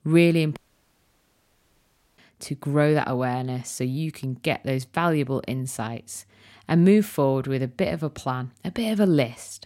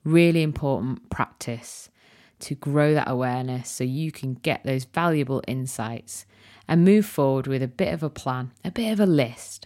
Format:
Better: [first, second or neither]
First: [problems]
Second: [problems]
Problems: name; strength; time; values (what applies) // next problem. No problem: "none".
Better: second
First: audio cutting out; at 0.5 s for 1.5 s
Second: none